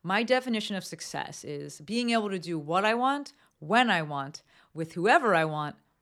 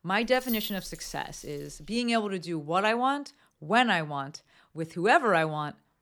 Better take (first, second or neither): first